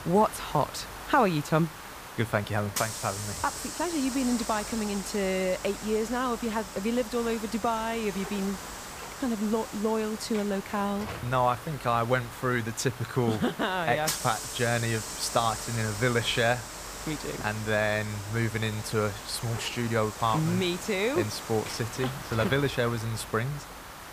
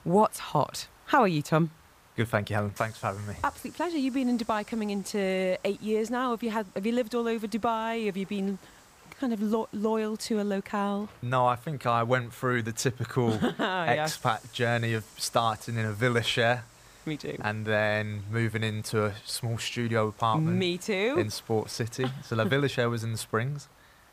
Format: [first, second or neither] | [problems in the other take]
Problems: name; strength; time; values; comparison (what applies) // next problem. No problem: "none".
second | hiss; loud; throughout; 9 dB below the speech; faint in the second